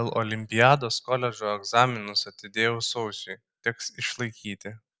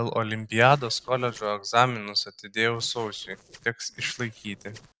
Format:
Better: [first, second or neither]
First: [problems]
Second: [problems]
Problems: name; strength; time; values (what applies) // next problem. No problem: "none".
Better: first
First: none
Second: noise reduction (neural separator model SepFormer DNS4)